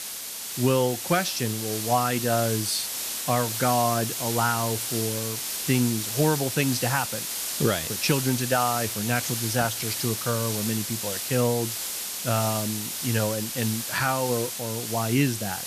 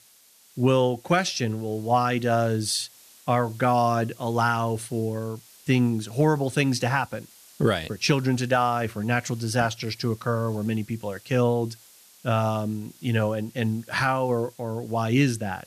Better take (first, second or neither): second